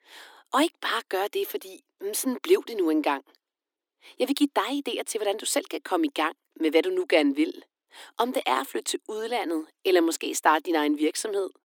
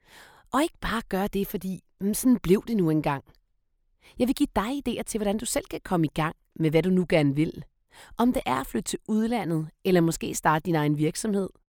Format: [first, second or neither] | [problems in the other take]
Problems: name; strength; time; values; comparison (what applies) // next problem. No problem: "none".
second | thin; somewhat; fading below 300 Hz